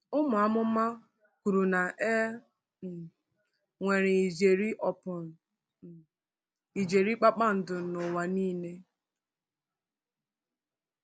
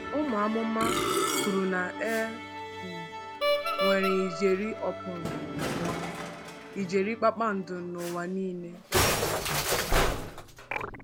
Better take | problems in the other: first | background sound (Musical instrument); 1 dB above the speech

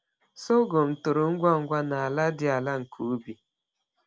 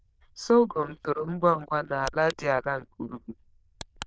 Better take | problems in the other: first | noise reduction (neural diffusion model UNIVERSE++)

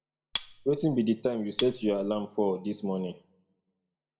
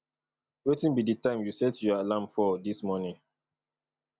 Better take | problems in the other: second | background sound (Cutlery, silverware); 10 dB below the speech // room echo; dies away in 0.4 s

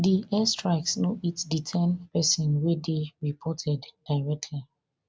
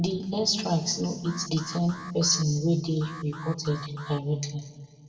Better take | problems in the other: first | background sound (Alarm); 17 dB below the speech // room echo; dies away in 1.7 s

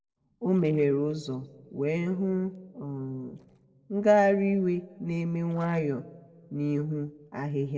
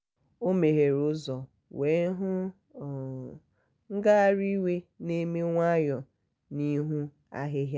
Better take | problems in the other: second | noise reduction (neural separator model SepFormer DNS4)

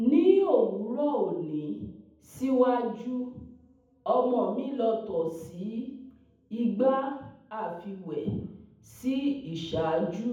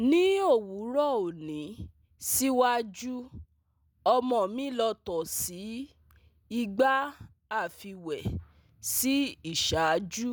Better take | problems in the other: second | room echo; dies away in 0.8 s

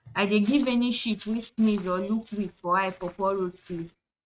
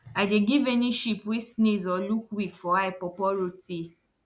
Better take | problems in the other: second | noise reduction (neural mask model RNNoise)

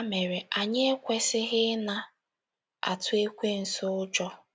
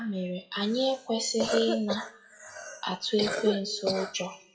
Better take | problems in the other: first | noise reduction (classical method WPE with log-MMSE)

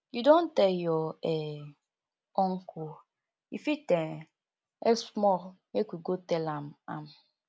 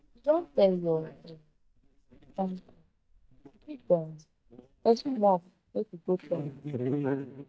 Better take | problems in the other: first | noise reduction (neural mask model DeepFilterNet 3)

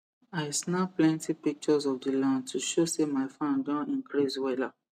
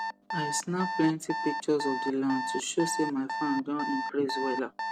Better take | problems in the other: first | background sound (Alarm); 4 dB below the speech

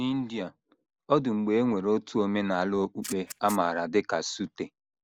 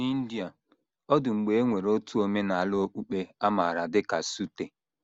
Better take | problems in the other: second | noise reduction (neural mask model Resemble Enhance denoiser)

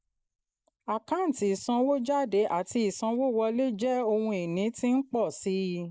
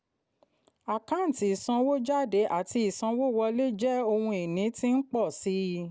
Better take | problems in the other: second | noise reduction (neural mask model Resemble Enhance denoiser)

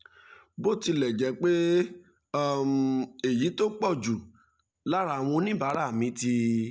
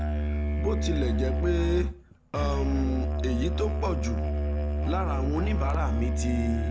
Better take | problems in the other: first | background sound (Musical instrument); 4 dB above the speech

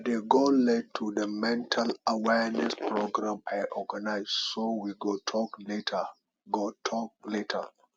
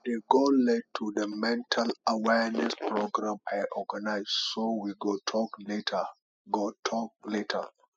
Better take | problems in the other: first | noise reduction (classical method spectral subtraction)

